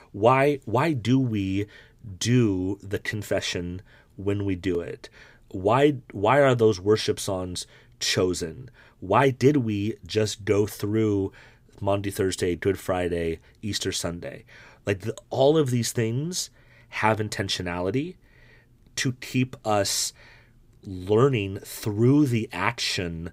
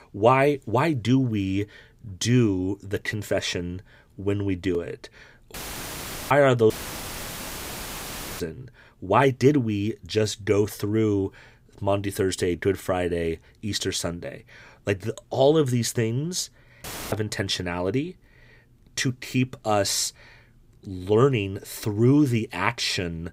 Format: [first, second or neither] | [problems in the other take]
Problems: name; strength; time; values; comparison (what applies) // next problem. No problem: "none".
first | audio cutting out; filled with static; at 5.5 s for 1 s, at 6.5 s for 1.5 s and at 17 s